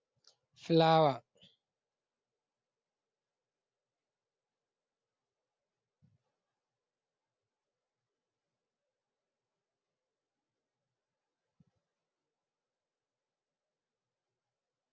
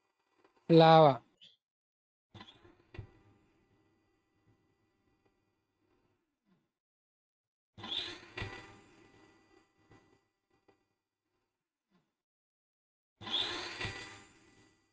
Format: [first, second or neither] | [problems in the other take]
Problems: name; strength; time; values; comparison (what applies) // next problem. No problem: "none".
first | noise reduction (neural mask model RNNoise)